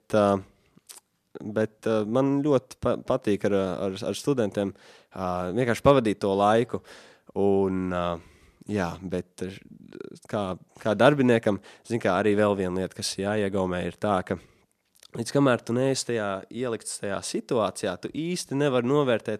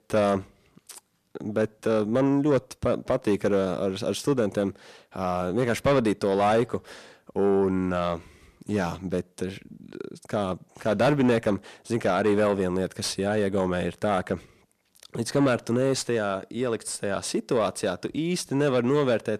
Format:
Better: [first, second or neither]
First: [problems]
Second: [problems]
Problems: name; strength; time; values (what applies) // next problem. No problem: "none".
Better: first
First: none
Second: distortion; slight; 10 dB below the speech